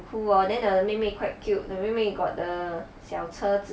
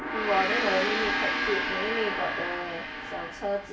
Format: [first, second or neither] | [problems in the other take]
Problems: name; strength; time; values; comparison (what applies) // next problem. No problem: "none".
first | background sound (Gong); 1 dB above the speech